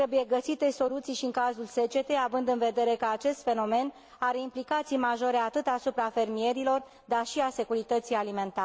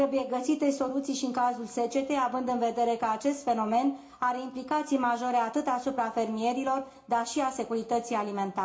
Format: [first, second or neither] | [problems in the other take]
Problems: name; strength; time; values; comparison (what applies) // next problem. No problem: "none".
first | room echo; dies away in 0.4 s